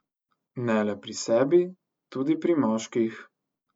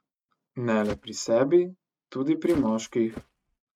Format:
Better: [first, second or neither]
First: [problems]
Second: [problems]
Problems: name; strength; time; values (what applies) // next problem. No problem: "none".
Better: first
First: none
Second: noise reduction (neural mask model RNNoise)